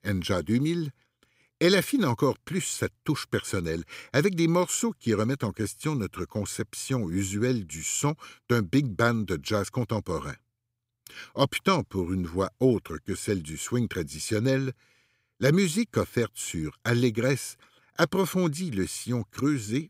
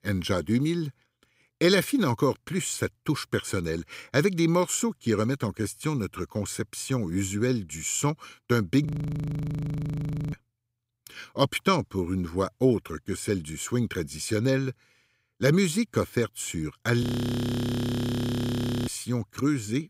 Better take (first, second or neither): first